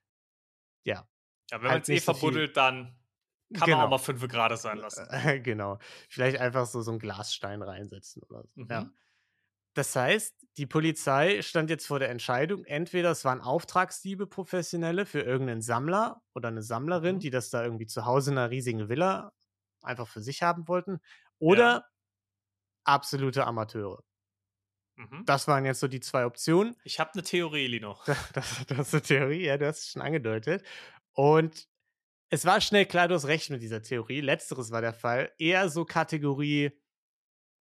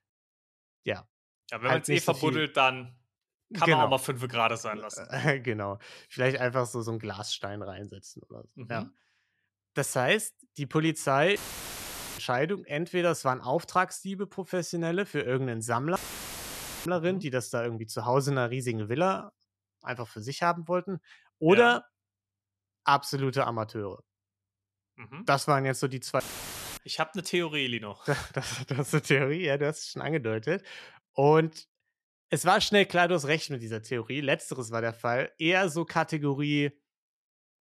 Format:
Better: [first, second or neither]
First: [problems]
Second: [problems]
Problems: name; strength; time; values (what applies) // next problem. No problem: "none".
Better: first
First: none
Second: audio cutting out; filled with static; at 11 s for 1 s, at 16 s for 1 s and at 26 s for 0.5 s